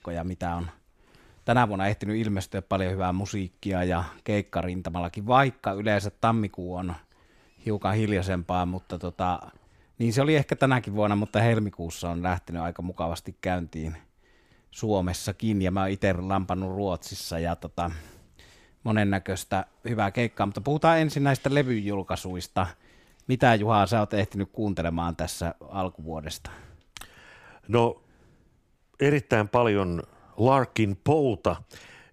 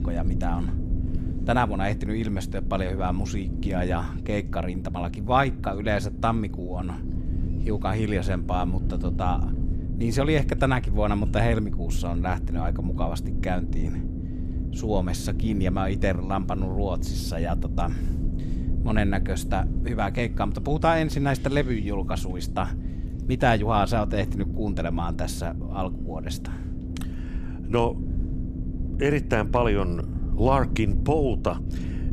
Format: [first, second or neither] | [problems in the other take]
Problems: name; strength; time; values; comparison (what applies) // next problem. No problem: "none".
first | low rumble; noticeable; throughout; 15 dB below the speech